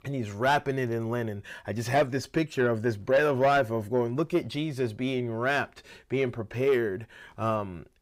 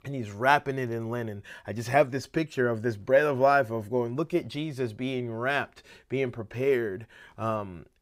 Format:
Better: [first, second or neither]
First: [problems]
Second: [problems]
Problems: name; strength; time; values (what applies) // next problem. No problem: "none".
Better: second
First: distortion; slight; 10 dB below the speech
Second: none